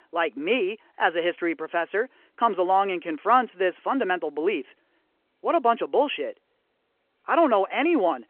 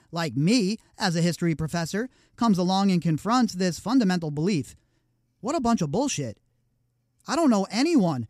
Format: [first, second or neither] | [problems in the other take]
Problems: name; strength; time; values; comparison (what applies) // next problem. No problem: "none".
second | phone-call audio